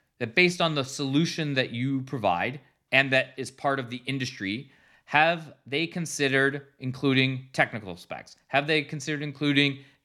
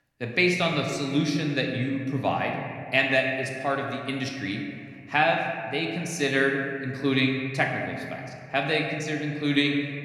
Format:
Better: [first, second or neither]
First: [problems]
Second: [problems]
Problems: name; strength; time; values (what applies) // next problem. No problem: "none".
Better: first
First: none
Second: room echo; noticeable; dies away in 1.8 s